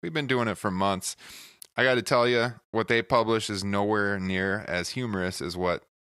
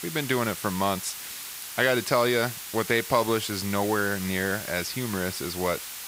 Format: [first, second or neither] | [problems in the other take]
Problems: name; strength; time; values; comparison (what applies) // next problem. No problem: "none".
first | hiss; loud; throughout; 8 dB below the speech